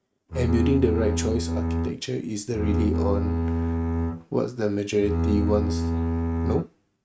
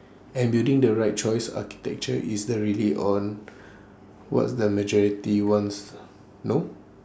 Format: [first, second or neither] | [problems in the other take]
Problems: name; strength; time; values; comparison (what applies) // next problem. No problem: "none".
second | noise reduction (neural mask model RNNoise)